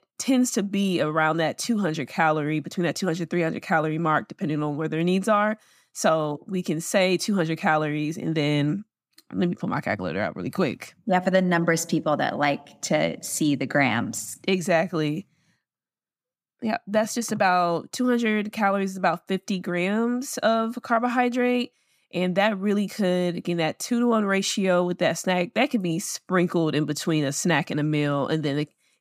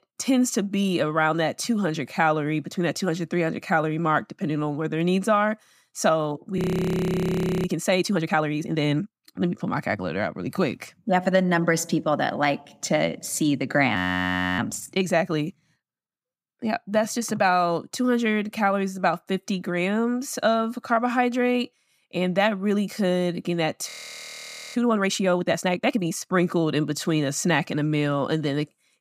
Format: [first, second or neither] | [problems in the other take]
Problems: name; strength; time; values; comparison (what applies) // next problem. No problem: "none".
first | audio freezing; at 6.5 s for 1 s, at 14 s for 0.5 s and at 24 s for 1 s